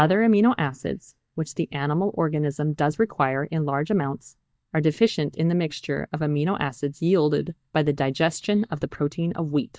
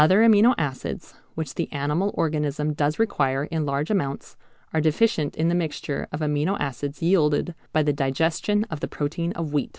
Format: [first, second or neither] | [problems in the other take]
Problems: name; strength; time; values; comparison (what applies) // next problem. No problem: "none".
second | noise reduction (neural mask model DeepFilterNet 3)